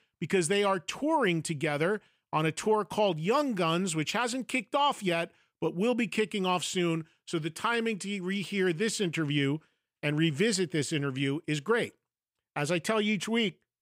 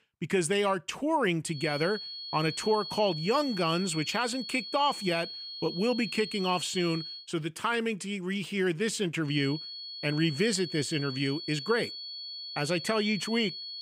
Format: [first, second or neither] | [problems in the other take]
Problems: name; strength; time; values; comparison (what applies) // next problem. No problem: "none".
first | high-pitched whine; loud; from 1.5 to 7 s and from 9.5 s on; 4.5 kHz, 8 dB below the speech